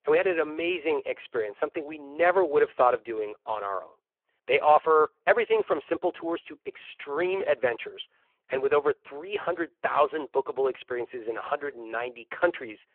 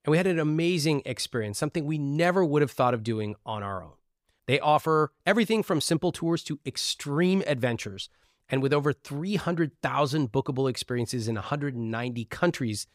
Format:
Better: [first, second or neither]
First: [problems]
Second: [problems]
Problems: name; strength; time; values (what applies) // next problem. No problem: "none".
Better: second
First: phone-call audio; poor line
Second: none